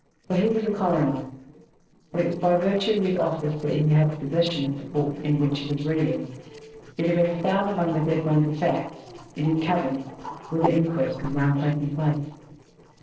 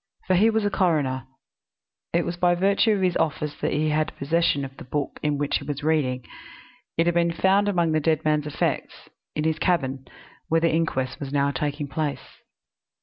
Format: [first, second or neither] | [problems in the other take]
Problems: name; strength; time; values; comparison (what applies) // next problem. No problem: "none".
second | noise reduction (neural separator model SepFormer DNS4)